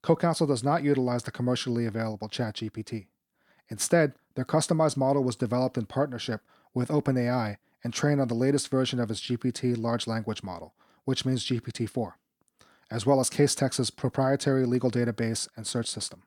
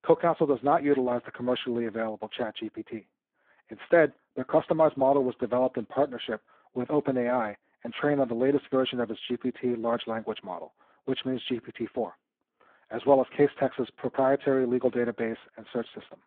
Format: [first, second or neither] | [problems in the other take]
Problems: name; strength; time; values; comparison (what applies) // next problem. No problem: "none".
first | phone-call audio; poor line